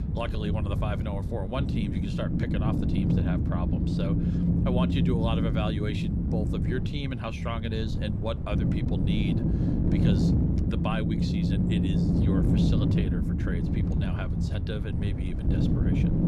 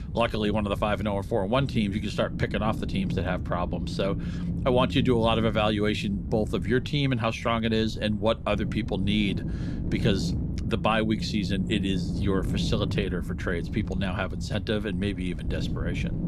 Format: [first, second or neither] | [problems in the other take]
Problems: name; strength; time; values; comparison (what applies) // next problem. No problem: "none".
second | wind noise on the microphone; heavy; 1 dB above the speech; occasional gusts in the second